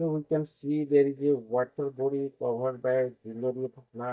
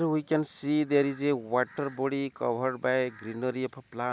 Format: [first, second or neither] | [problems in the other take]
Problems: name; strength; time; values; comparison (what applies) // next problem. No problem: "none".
second | noise reduction (neural mask model DeepFilterNet 3)